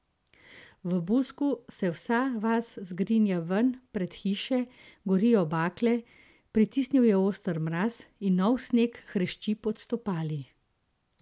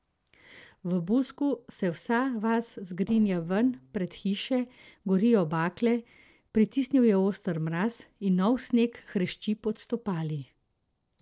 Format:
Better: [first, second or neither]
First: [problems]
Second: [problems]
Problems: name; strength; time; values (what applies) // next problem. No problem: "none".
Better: first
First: none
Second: noise reduction (neural separator model SepFormer DNS4)